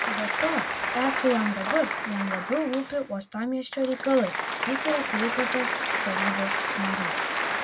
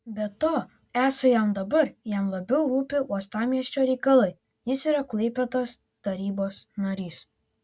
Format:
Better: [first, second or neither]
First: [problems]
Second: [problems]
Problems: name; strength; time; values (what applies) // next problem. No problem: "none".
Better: second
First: background sound (Applause); 1 dB below the speech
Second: none